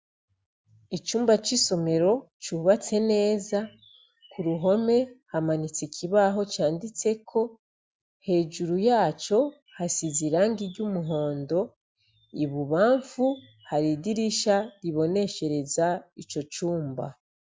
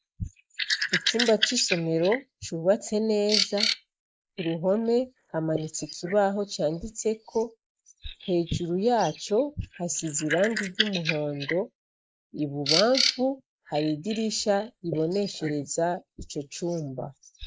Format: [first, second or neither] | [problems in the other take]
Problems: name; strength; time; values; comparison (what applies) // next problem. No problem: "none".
first | noise reduction (neural mask model Resemble Enhance denoiser)